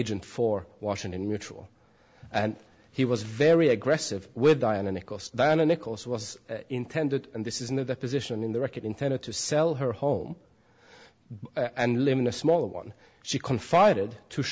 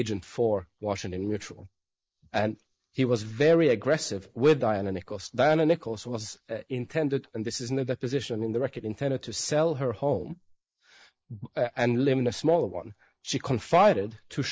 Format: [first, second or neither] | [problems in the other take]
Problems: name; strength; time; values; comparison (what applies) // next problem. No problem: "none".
first | noise reduction (neural mask model Resemble Enhance denoiser)